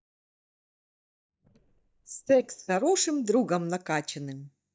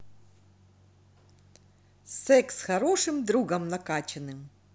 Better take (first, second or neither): second